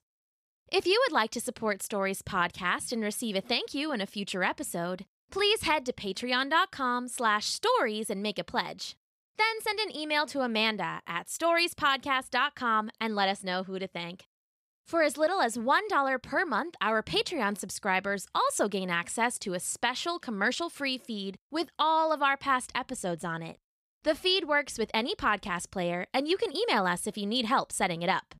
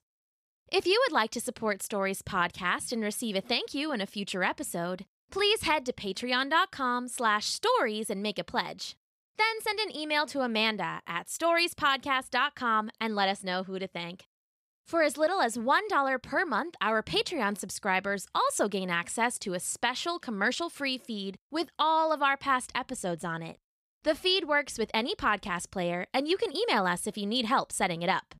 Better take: neither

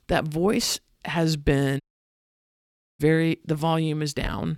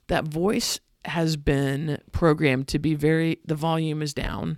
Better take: second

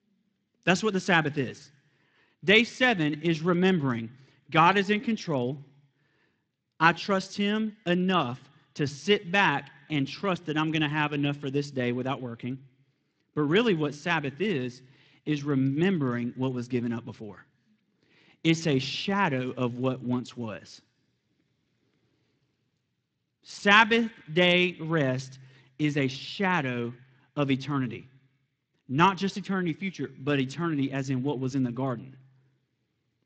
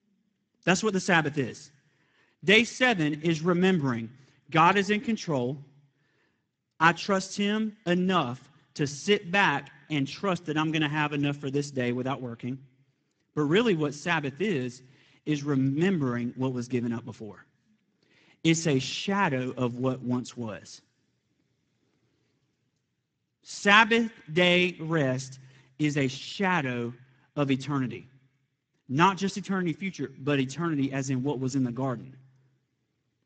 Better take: first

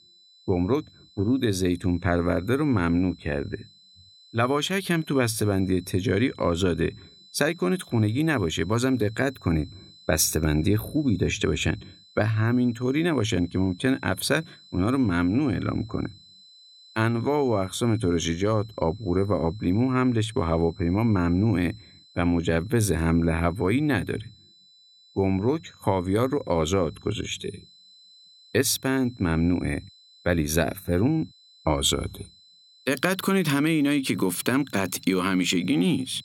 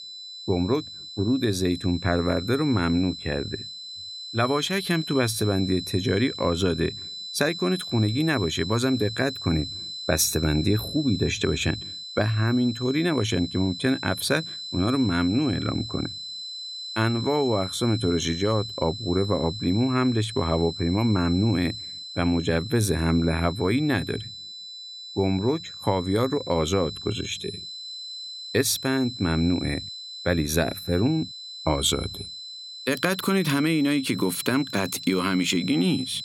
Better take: first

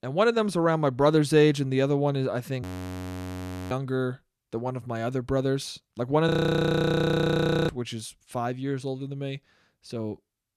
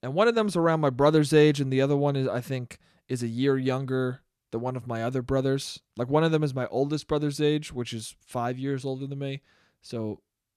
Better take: second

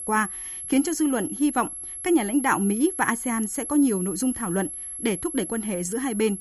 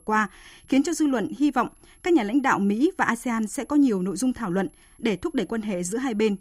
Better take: second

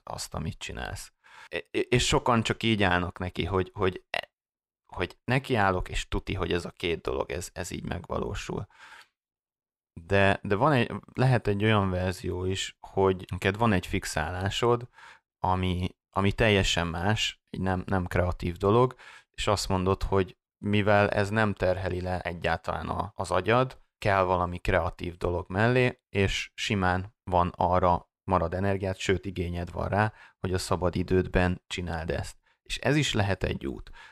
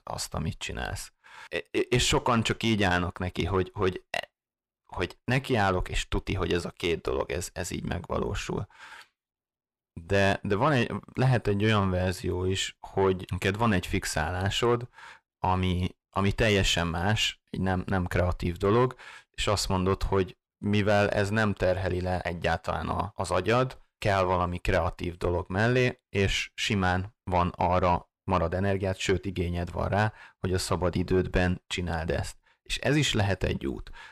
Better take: first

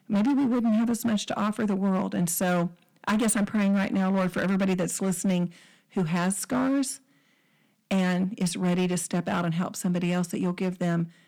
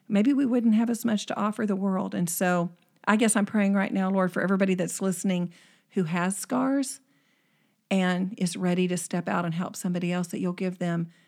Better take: second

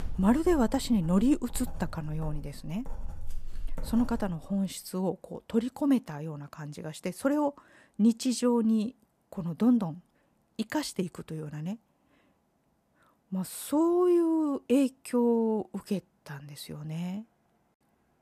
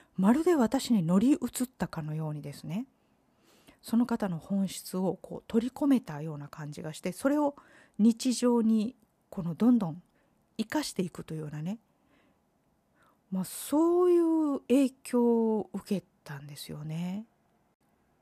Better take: second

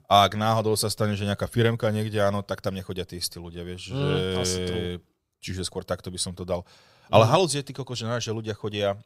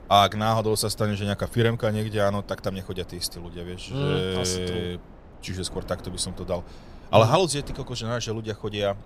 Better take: first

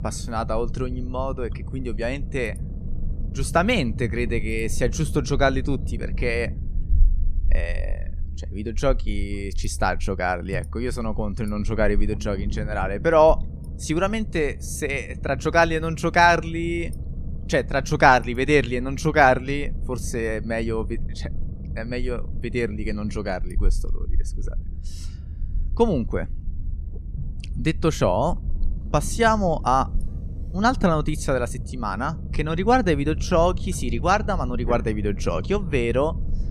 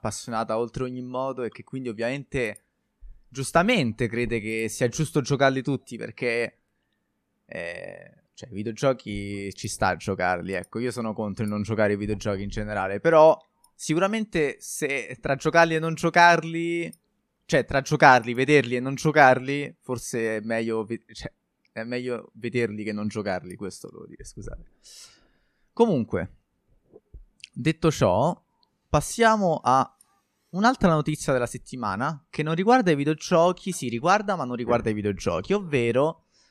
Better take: second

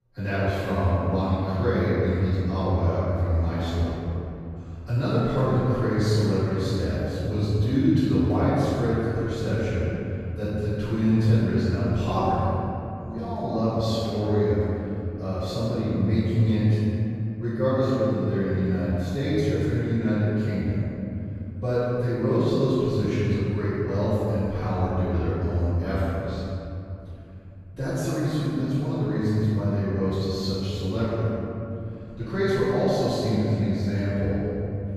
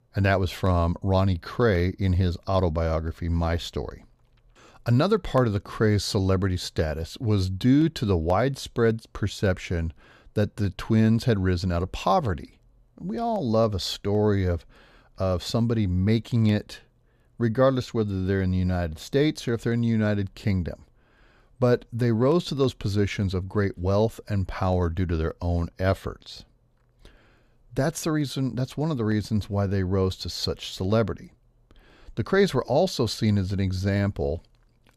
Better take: second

